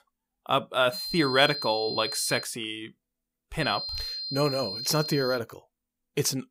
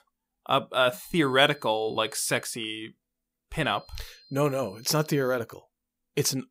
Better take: second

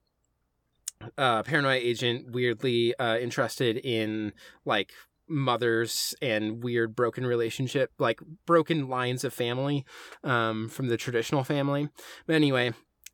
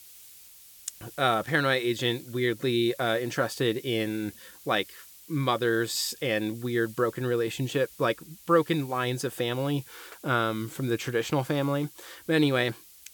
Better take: first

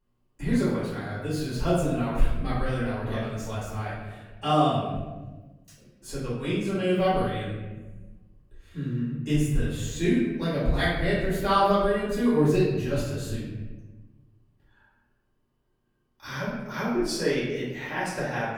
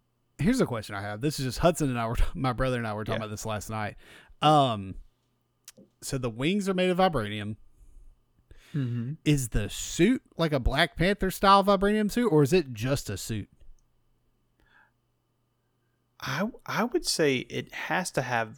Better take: second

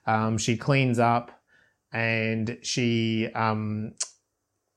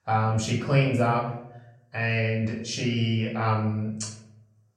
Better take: first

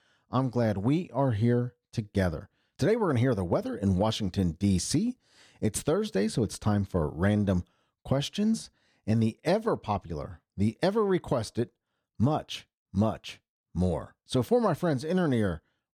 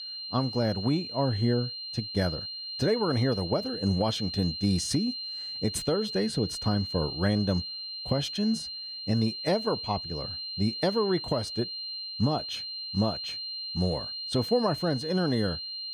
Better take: first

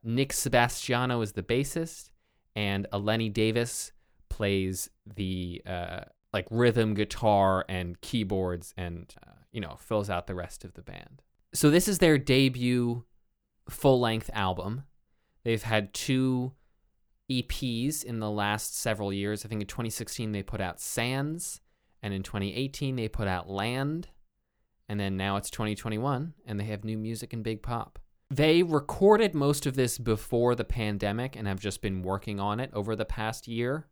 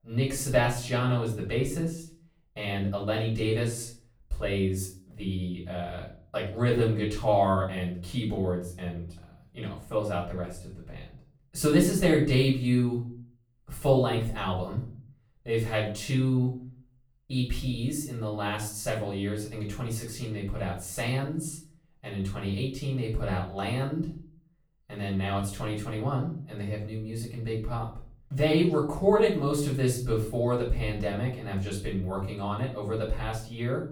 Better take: first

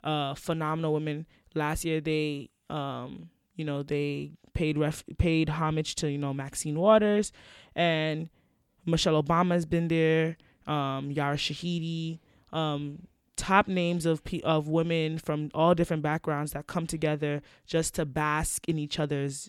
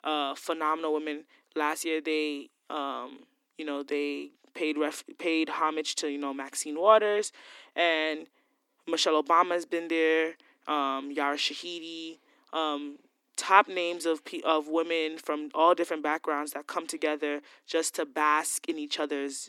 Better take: first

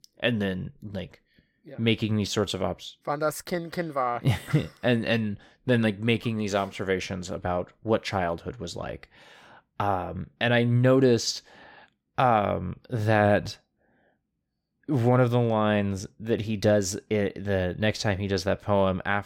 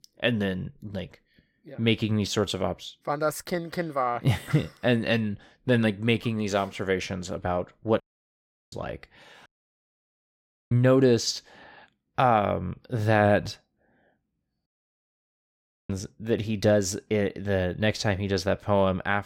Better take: first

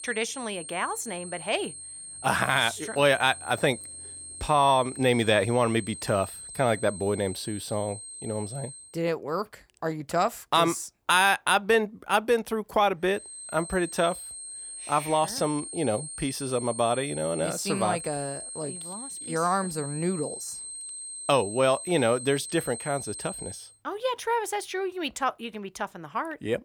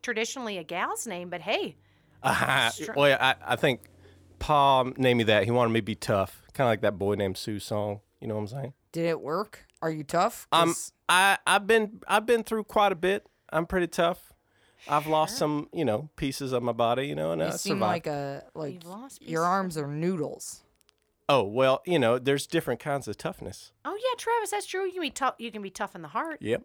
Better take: second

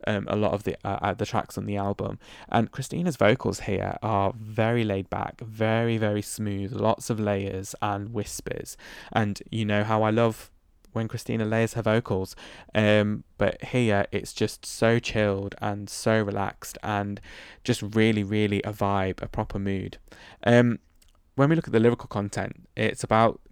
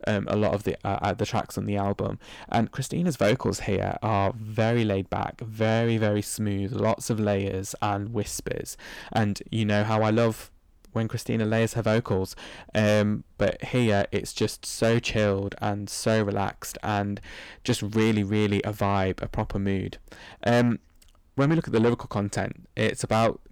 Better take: first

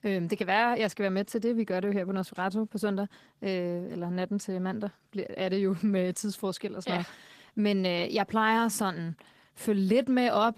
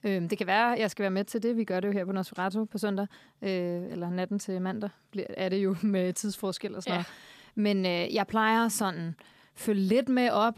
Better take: second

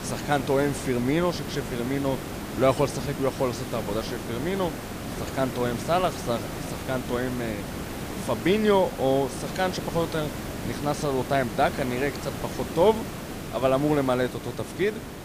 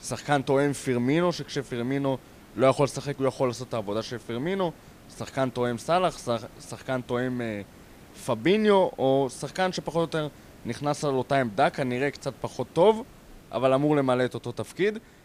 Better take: second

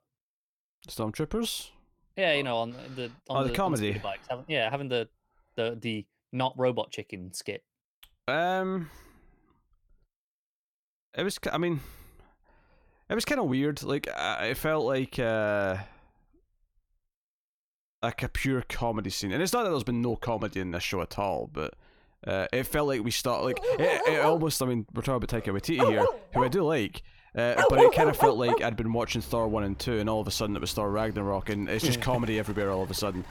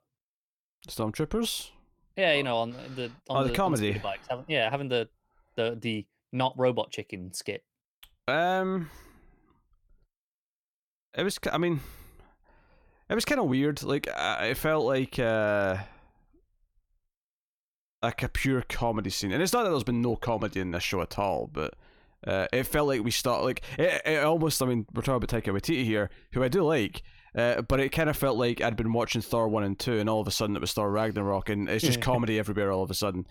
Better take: second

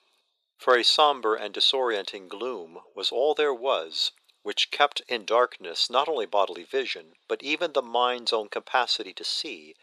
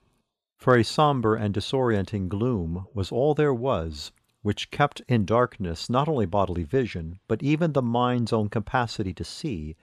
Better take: second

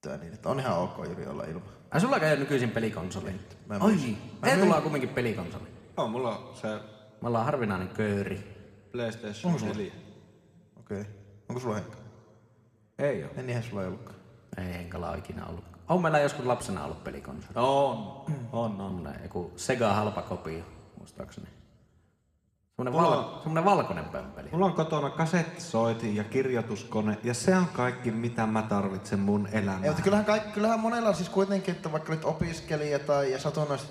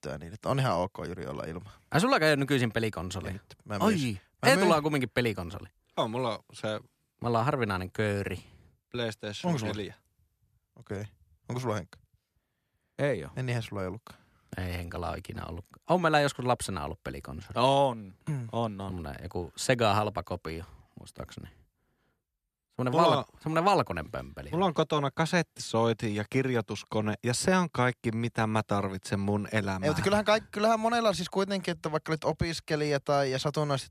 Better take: second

